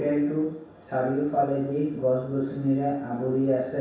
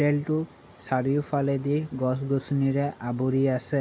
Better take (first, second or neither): second